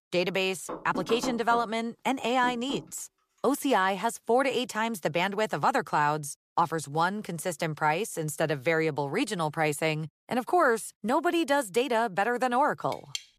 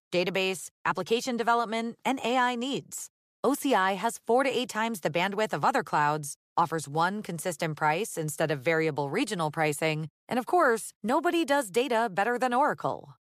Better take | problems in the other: second | door banging; noticeable; from 0.5 to 3 s; peak 7 dB below the speech // clattering dishes; very faint; at 13 s; peak 10 dB below the speech

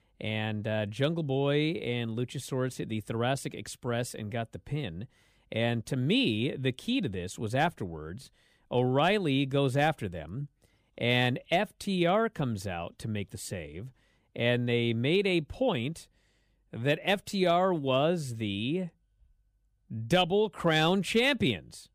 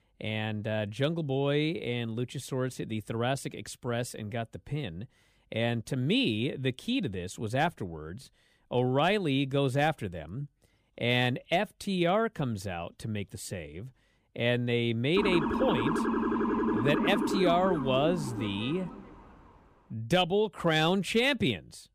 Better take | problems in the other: first | siren; loud; from 15 to 19 s; peak 1 dB above the speech

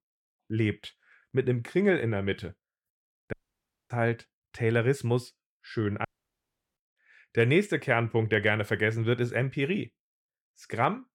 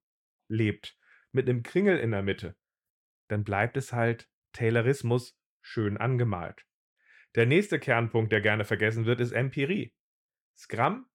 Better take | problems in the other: second | audio cutting out; at 3.5 s for 0.5 s and at 6 s for 0.5 s

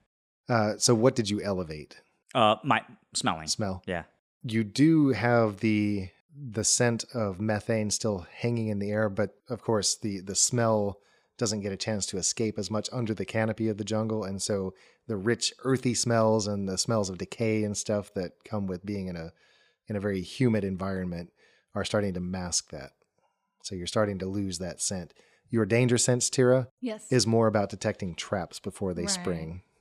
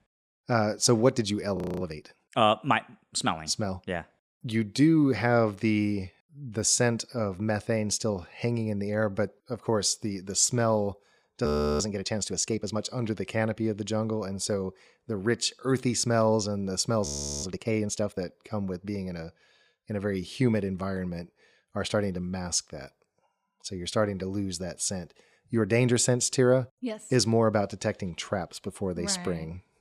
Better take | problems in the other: first | audio freezing; at 1.5 s, at 11 s and at 17 s

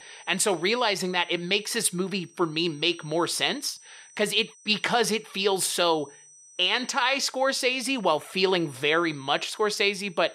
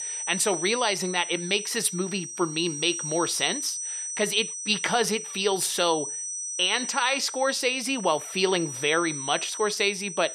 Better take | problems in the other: first | high-pitched whine; loud; throughout; 6 kHz, 6 dB below the speech; faint in the first

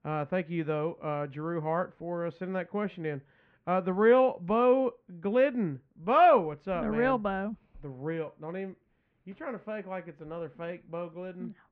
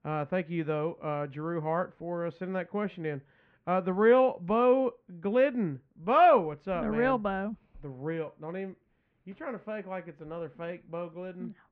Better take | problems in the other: neither | muffled; very; fading above 2 kHz; the same in both

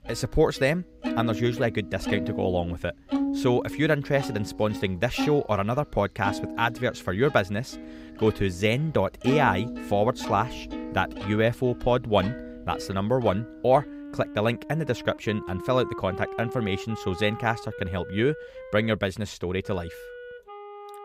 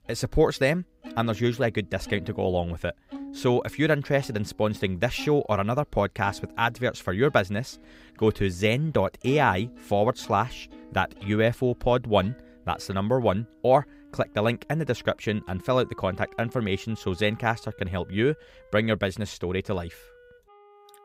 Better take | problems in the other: second | background music; loud; throughout; 10 dB below the speech; faint in the second

